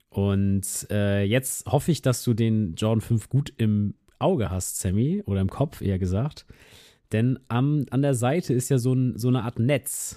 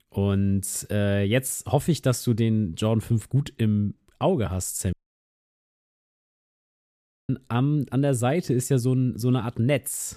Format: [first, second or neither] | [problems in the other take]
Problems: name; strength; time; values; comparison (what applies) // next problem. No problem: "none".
first | audio cutting out; at 5 s for 2.5 s